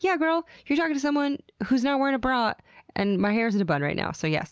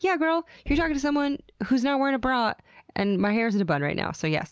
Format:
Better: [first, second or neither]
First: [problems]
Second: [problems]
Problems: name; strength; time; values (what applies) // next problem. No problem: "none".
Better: first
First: none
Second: background sound (Knock); 18 dB below the speech